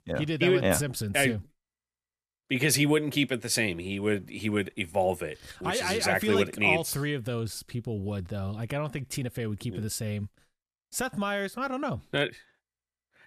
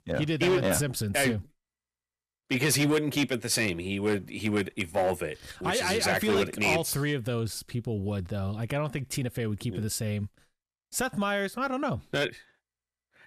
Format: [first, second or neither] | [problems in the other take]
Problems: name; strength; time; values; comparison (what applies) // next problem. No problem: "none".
first | distortion; slight; 4% of the sound clipped